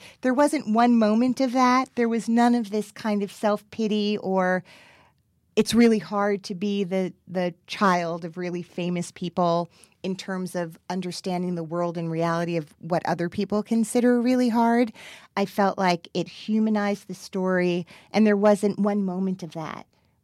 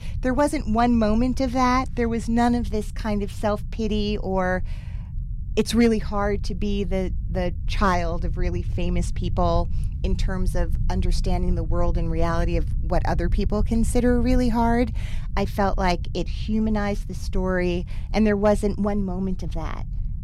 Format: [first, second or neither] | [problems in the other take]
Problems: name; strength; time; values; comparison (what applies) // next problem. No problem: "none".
first | low rumble; faint; throughout; 20 dB below the speech